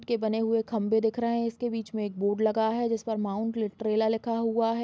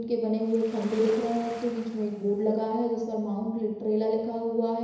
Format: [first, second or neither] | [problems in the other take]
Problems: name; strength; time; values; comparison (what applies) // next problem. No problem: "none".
first | background sound (Waves, surf); 19 dB below the speech // room echo; dies away in 1 s